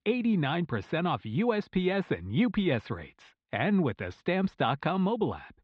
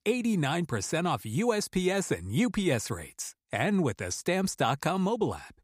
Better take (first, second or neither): second